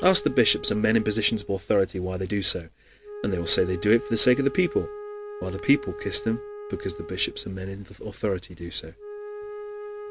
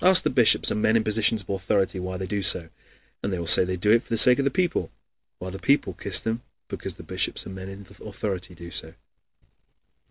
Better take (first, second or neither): second